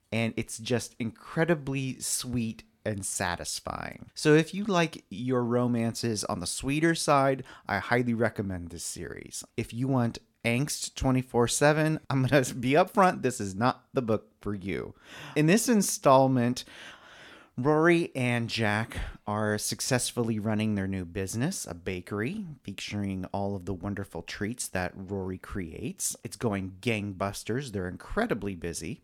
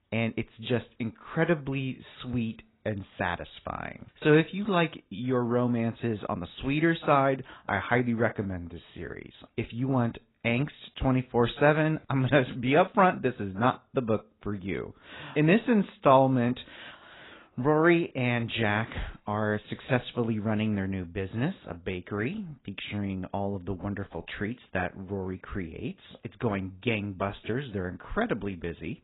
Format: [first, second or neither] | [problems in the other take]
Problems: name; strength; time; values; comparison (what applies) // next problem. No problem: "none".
first | garbled, watery; badly; nothing above 4 kHz